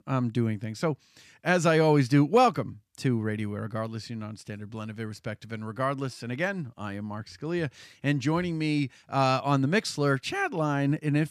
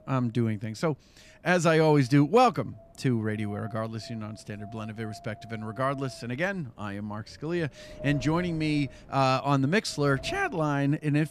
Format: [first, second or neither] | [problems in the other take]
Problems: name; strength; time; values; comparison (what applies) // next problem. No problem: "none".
first | wind noise on the microphone; occasional gusts; 20 dB below the speech